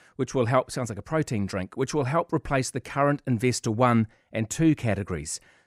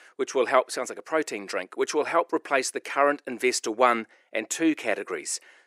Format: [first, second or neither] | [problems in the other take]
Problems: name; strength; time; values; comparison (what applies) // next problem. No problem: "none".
first | thin; somewhat; fading below 350 Hz